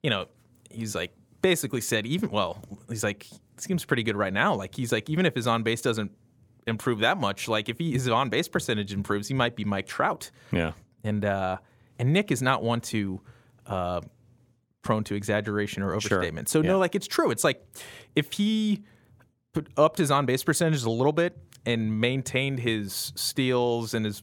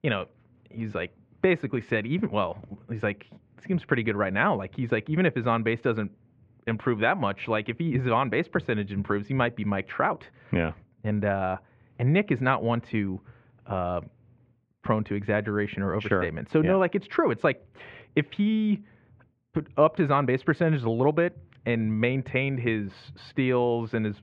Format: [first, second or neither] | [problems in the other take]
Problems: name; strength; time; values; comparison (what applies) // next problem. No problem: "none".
first | muffled; very; fading above 2.5 kHz